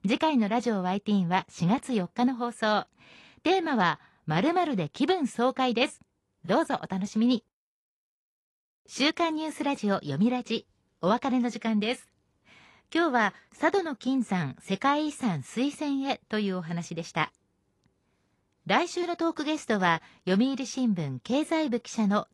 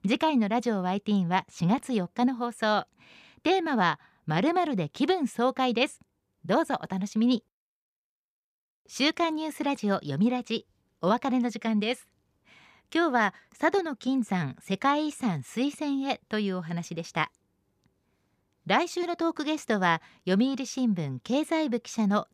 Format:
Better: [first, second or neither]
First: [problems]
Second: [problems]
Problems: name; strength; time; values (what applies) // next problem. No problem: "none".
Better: second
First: garbled, watery; slightly; nothing above 11 kHz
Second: none